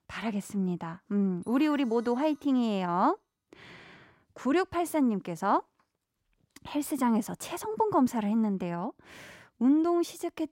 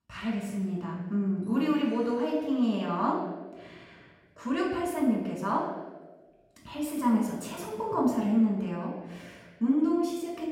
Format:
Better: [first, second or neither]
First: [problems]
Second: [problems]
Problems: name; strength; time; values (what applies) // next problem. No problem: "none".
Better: first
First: none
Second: room echo; noticeable; dies away in 1.1 s // off-mic speech; far